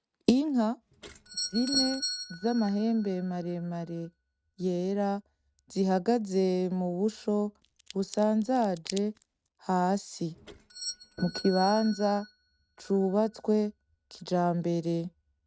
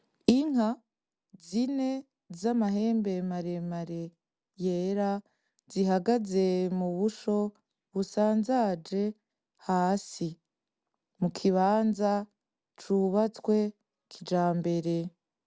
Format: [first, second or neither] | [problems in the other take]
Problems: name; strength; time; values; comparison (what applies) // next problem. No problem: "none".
second | noise reduction (neural mask model RNNoise)